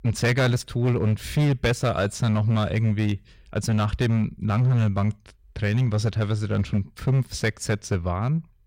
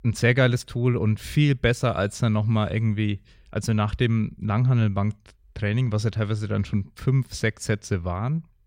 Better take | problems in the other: second | distortion; slight; 9% of the sound clipped

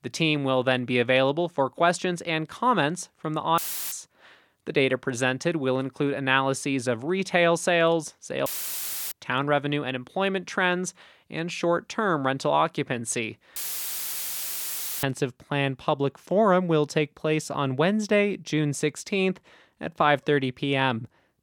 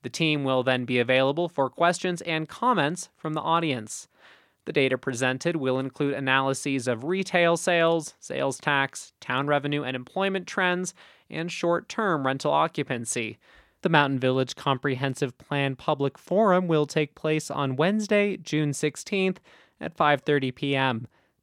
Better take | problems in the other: second | audio cutting out; filled with static; at 3.5 s, at 8.5 s for 0.5 s and at 14 s for 1.5 s

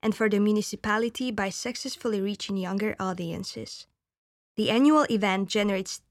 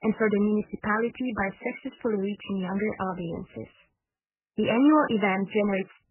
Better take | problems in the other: first | garbled, watery; badly; nothing above 3 kHz

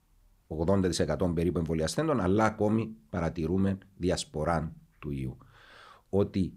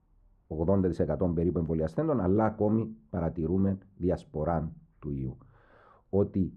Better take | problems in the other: first | muffled; very; fading above 2 kHz

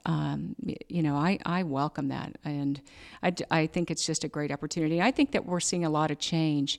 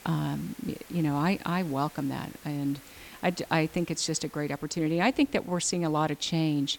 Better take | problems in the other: first | hiss; faint; throughout; 20 dB below the speech

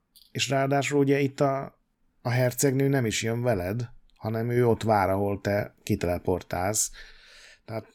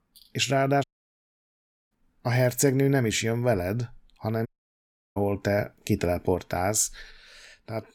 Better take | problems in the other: first | audio cutting out; at 1 s for 1 s and at 4.5 s for 0.5 s

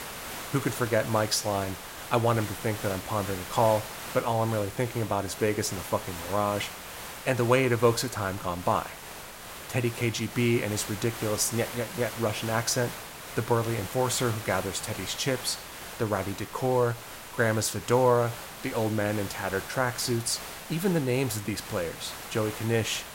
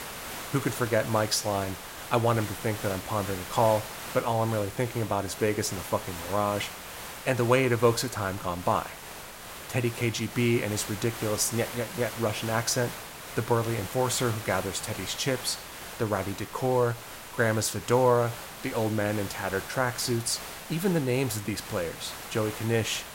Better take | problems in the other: neither | hiss; noticeable; throughout; 10 dB below the speech; the same in both

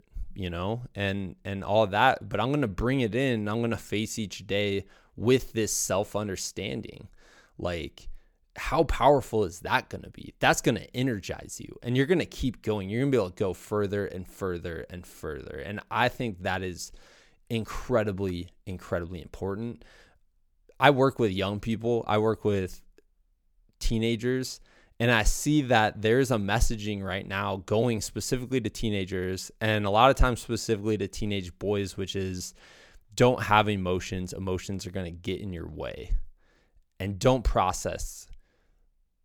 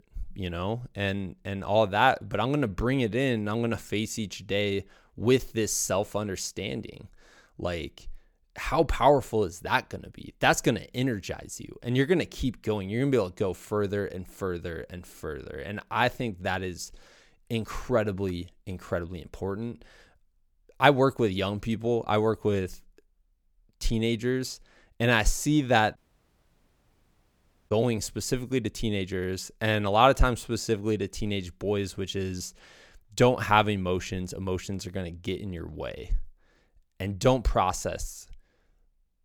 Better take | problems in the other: first | audio cutting out; at 26 s for 1.5 s

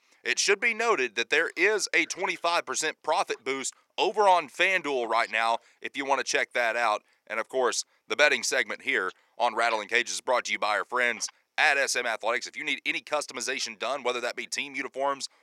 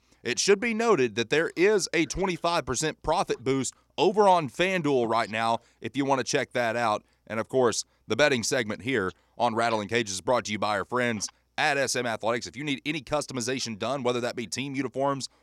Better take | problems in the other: second | thin; somewhat; fading below 500 Hz

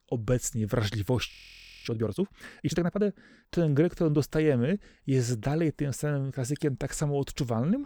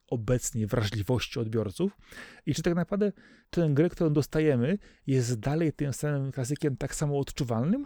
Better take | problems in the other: second | audio freezing; at 1.5 s for 0.5 s

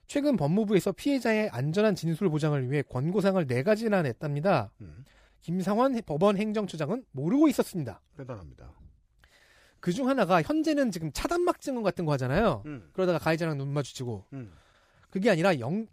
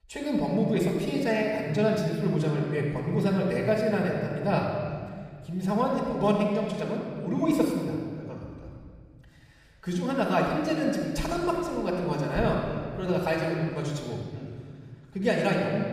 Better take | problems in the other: first | off-mic speech; far // room echo; noticeable; dies away in 1.8 s

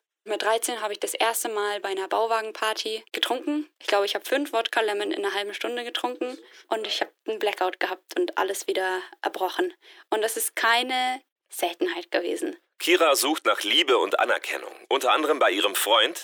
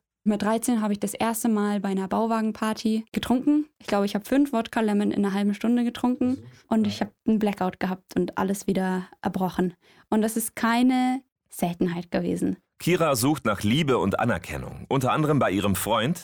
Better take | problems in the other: second | thin; very; fading below 350 Hz

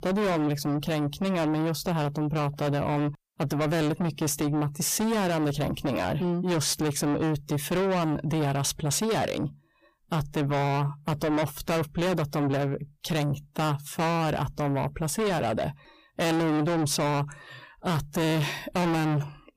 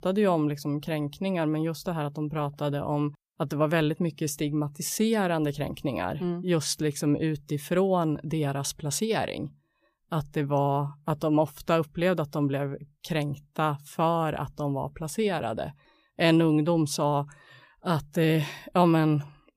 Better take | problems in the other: second | distortion; heavy; 5 dB below the speech

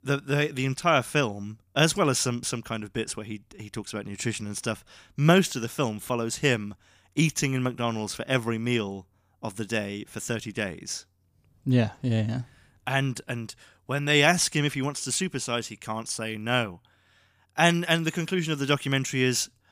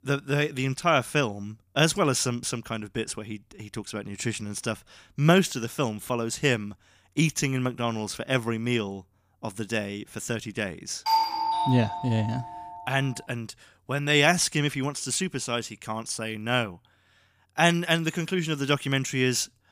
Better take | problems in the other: first | doorbell; loud; from 11 to 12 s; peak 3 dB above the speech

